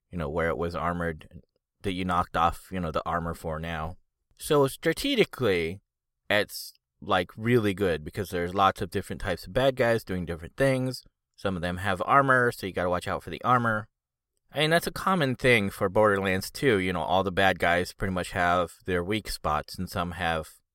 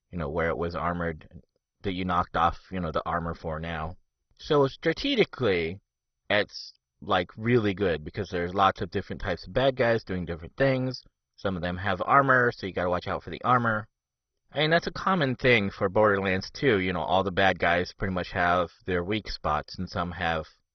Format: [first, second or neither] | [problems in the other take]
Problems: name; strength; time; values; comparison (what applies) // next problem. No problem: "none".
first | garbled, watery; badly; nothing above 6 kHz